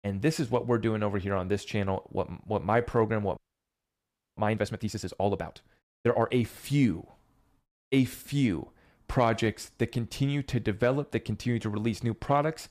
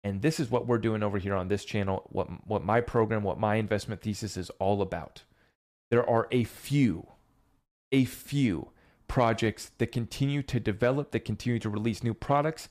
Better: second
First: audio freezing; at 3.5 s for 1 s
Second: none

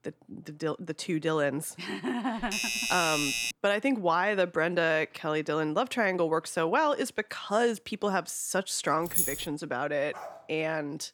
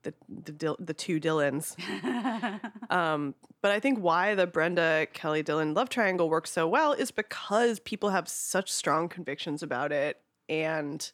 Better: second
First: doorbell; loud; from 2.5 to 3.5 s; peak 2 dB above the speech // jangling keys; loud; at 9 s; peak 3 dB above the speech // dog barking; faint; at 10 s; peak 15 dB below the speech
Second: none

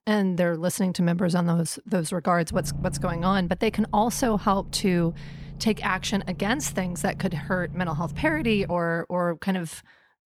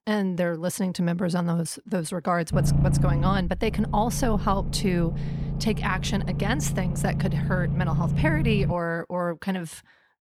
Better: first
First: low rumble; faint; from 2.5 to 8.5 s; 20 dB below the speech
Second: low rumble; loud; from 2.5 to 8.5 s; 9 dB below the speech

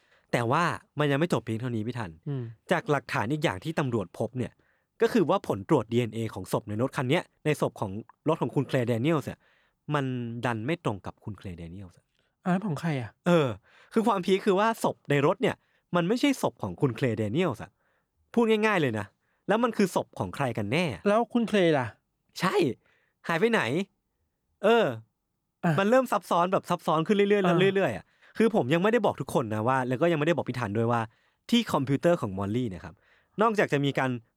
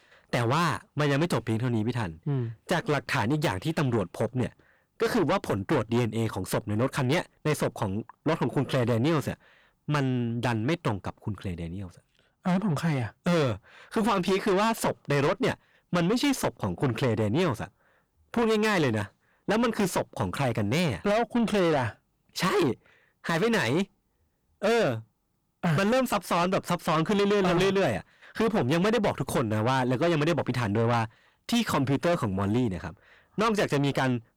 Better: first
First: none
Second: distortion; heavy; 6 dB below the speech

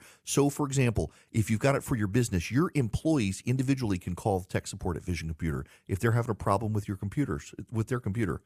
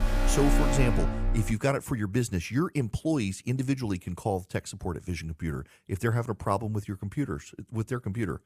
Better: first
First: none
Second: alarm; loud; until 1.5 s; peak 3 dB above the speech

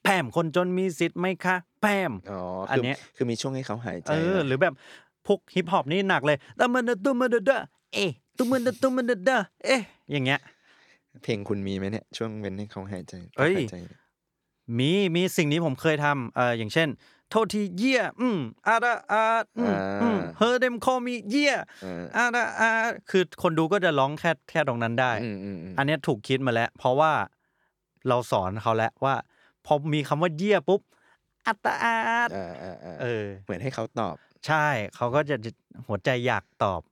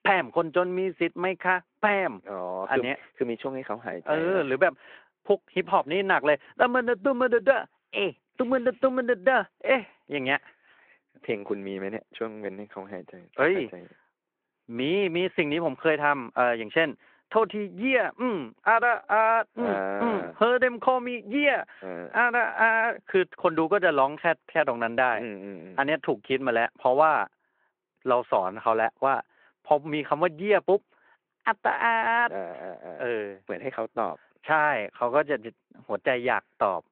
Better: first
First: none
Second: phone-call audio

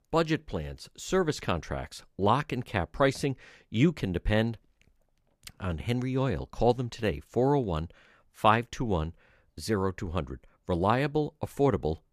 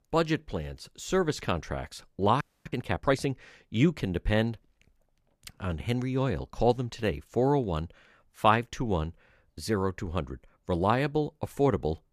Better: first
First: none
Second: audio freezing; at 2.5 s

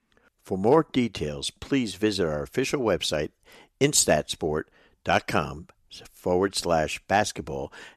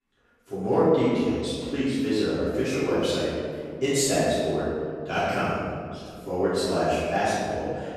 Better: first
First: none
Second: off-mic speech; far // room echo; strong; dies away in 2 s

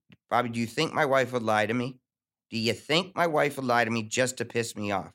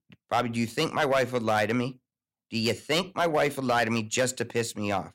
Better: first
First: none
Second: distortion; slight; 3% of the sound clipped

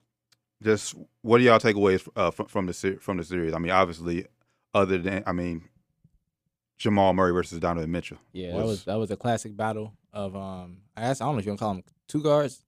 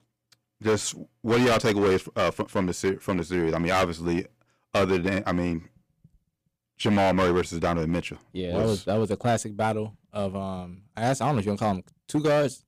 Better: first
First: none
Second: distortion; heavy; 9% of the sound clipped

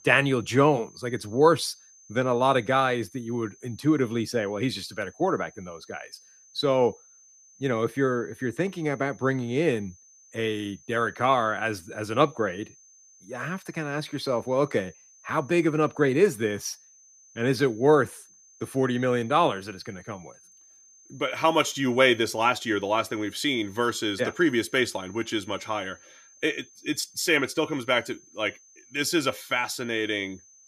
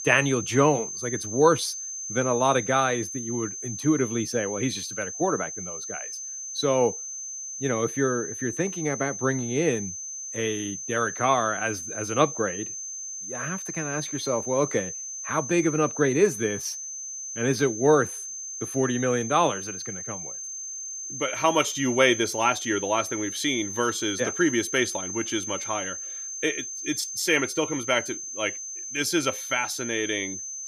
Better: first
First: high-pitched whine; faint; throughout; 6.5 kHz, 25 dB below the speech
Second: high-pitched whine; loud; throughout; 6.5 kHz, 6 dB below the speech

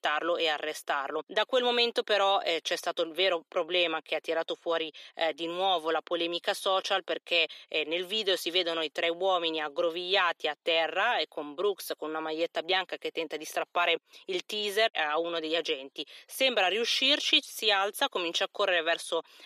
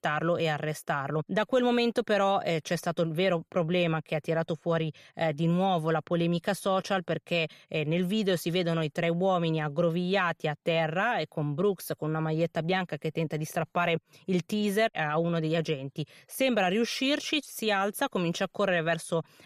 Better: second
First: thin; very; fading below 300 Hz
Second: none

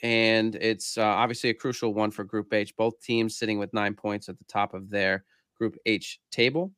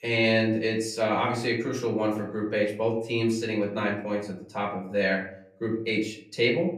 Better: first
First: none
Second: room echo; slight; dies away in 0.5 s // off-mic speech; far

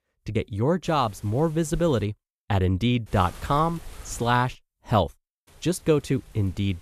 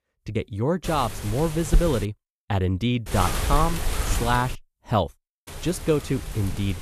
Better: first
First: wind noise on the microphone; occasional gusts; from 1 to 2 s, from 3 to 4.5 s and from 5.5 s on; 25 dB below the speech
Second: wind noise on the microphone; heavy; from 1 to 2 s, from 3 to 4.5 s and from 5.5 s on; 8 dB below the speech

